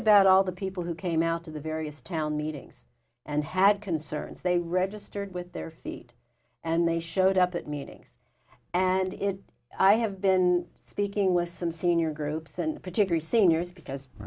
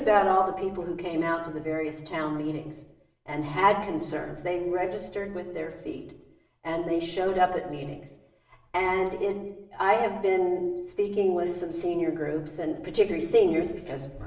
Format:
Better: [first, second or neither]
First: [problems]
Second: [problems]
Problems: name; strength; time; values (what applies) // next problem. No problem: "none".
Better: first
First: none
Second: room echo; dies away in 0.8 s